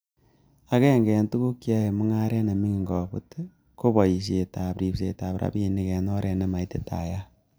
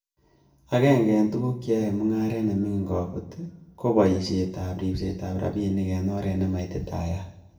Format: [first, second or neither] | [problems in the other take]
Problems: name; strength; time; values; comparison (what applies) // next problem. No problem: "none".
first | room echo; dies away in 0.7 s